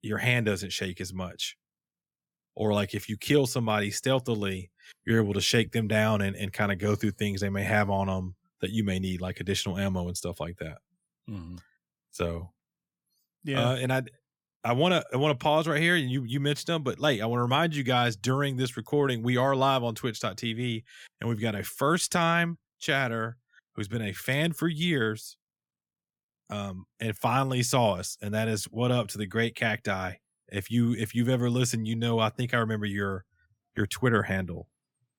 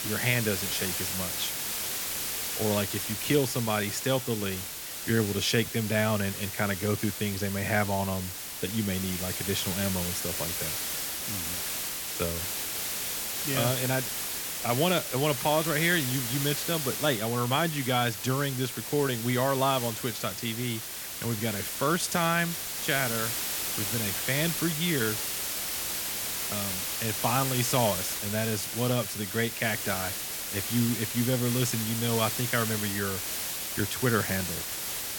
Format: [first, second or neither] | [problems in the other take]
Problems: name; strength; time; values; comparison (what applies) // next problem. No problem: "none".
first | hiss; loud; throughout; 2 dB below the speech